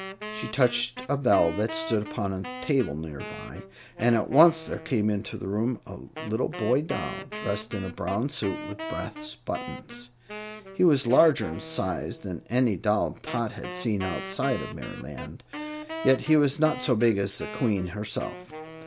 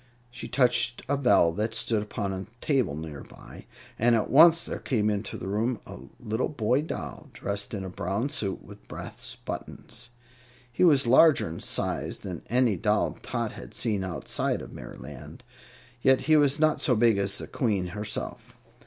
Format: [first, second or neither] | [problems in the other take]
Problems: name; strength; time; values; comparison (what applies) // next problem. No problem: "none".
second | background sound (Wind instrument, woodwind instrument); 12 dB below the speech